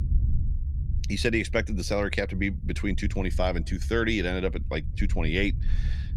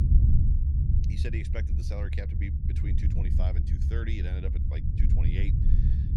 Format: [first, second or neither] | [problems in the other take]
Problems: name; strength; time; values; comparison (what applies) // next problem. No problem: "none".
first | low rumble; loud; throughout; as loud as the speech; faint in the first